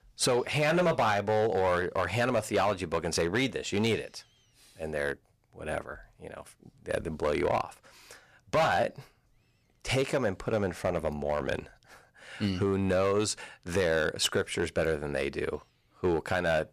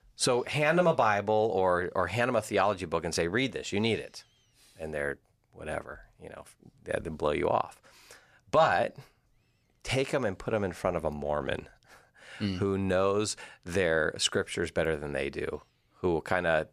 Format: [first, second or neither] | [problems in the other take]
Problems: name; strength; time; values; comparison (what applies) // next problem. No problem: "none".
second | distortion; slight; 5% of the sound clipped